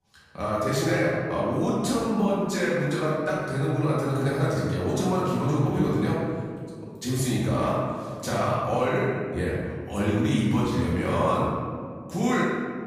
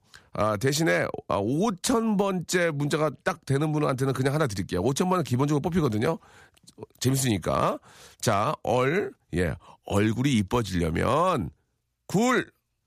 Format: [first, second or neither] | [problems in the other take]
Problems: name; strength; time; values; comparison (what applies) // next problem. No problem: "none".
second | room echo; strong; dies away in 1.8 s // off-mic speech; far